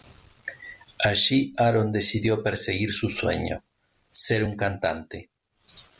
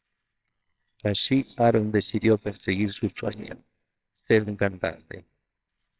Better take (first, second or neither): first